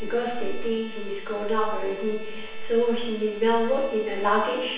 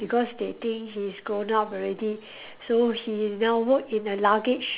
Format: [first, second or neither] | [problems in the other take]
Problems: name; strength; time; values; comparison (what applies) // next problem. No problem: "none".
second | background sound (Bowed string instrument); 18 dB below the speech // room echo; dies away in 0.9 s